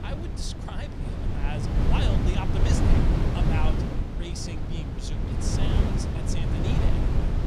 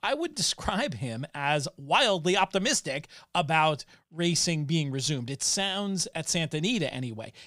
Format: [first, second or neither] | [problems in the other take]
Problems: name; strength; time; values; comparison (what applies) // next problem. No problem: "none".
second | wind noise on the microphone; heavy; 3 dB above the speech